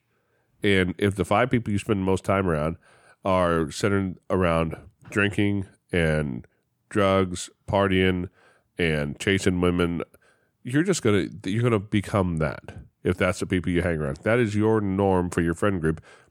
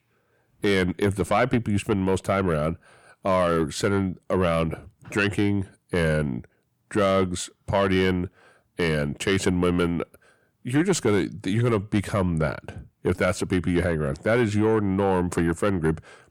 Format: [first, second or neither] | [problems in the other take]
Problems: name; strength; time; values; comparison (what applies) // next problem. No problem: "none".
first | distortion; slight; 10 dB below the speech